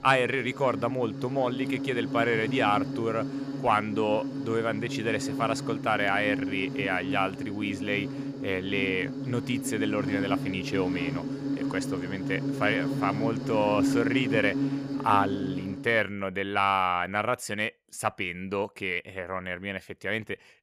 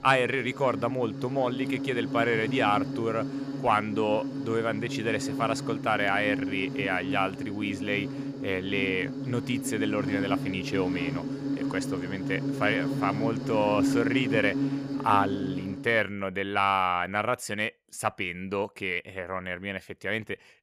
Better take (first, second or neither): neither